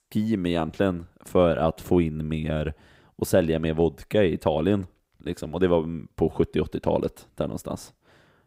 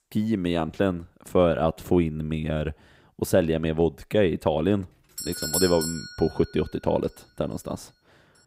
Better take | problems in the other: first | doorbell; noticeable; at 5 s; peak level with the speech

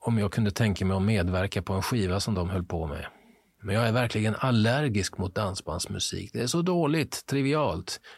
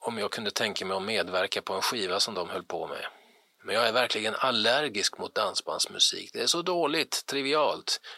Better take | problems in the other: first | thin; very; fading below 500 Hz

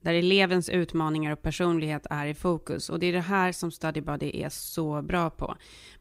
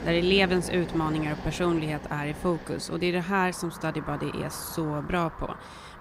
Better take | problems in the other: first | traffic noise; noticeable; throughout; 10 dB below the speech

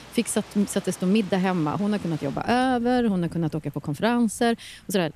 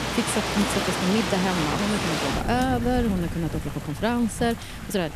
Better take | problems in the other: first | rain or running water; loud; throughout; 2 dB below the speech; faint in the first

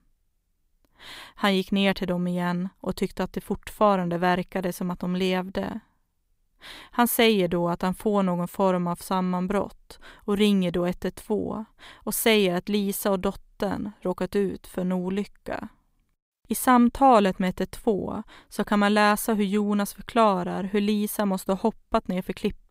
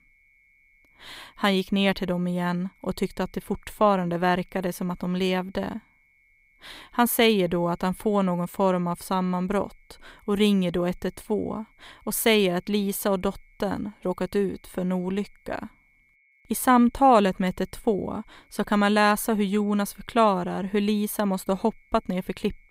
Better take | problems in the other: first | high-pitched whine; faint; throughout; 2 kHz, 35 dB below the speech

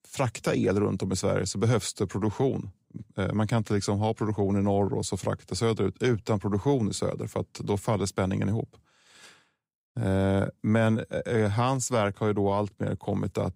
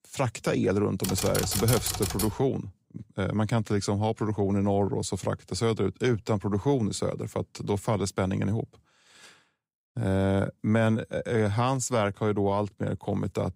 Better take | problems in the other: first | keyboard typing; noticeable; from 1 to 2.5 s; peak 1 dB below the speech

